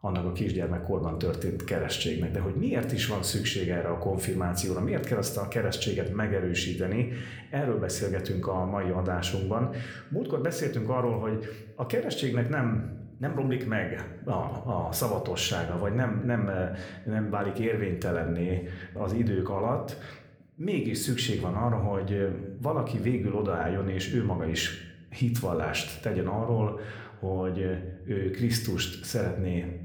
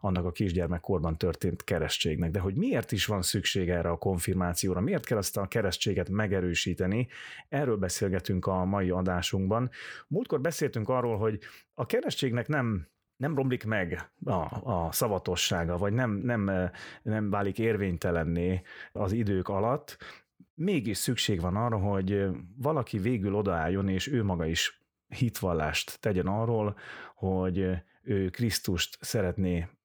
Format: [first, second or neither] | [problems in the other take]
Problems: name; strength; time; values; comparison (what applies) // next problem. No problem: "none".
second | room echo; slight; dies away in 0.6 s